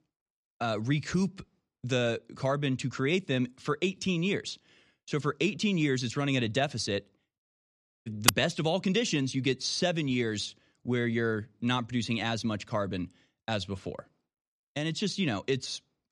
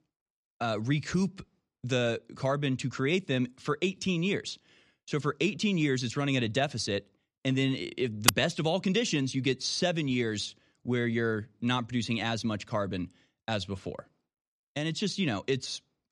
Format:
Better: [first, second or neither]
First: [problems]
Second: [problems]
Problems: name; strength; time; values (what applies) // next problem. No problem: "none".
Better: second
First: audio cutting out; at 7.5 s for 0.5 s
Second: none